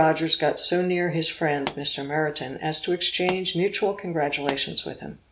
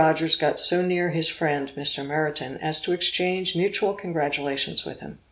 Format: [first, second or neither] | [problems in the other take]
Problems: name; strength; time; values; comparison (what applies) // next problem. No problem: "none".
second | background sound (Explosion); 14 dB below the speech